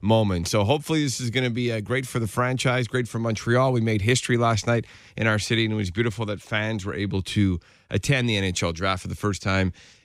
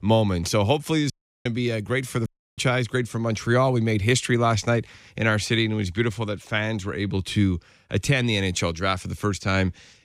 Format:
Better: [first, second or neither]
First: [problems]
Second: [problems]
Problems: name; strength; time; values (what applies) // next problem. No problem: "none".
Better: first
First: none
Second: audio cutting out; at 1 s and at 2.5 s